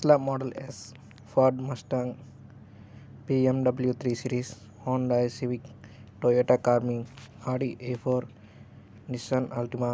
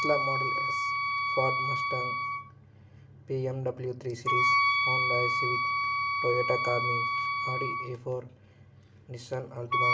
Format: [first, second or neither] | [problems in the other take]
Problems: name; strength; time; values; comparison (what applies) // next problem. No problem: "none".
first | background sound (Wind instrument, woodwind instrument); 5 dB above the speech // room echo; dies away in 0.4 s